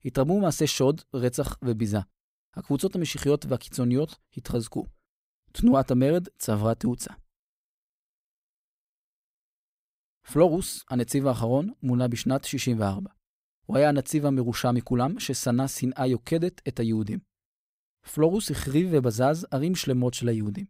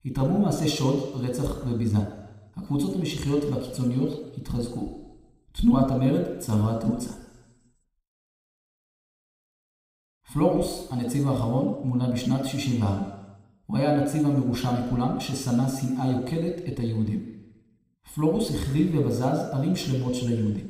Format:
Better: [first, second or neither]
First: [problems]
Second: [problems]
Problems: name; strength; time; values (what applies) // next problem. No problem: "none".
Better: first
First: none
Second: room echo; noticeable; dies away in 1.1 s